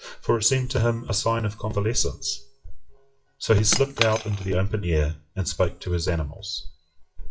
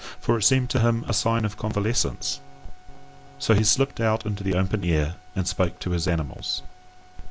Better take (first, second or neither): second